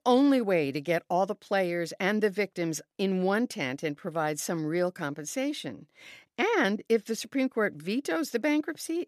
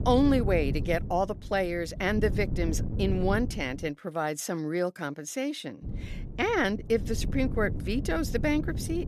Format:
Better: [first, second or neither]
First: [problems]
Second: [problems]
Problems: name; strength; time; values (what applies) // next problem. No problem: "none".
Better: first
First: none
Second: wind noise on the microphone; occasional gusts; until 4 s and from 6 s on; 15 dB below the speech